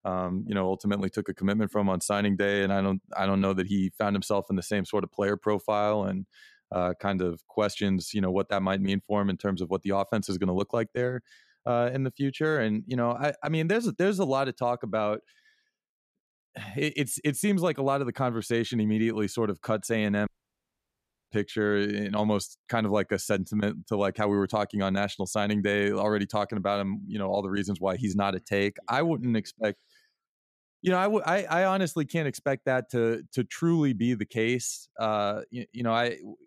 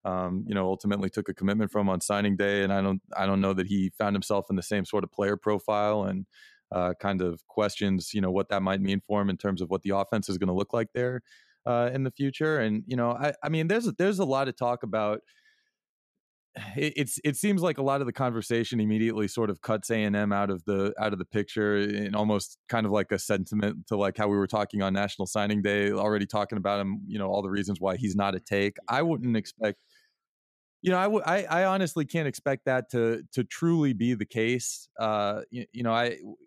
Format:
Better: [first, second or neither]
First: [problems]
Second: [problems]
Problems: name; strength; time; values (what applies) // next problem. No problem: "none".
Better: second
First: audio cutting out; at 20 s for 1 s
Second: none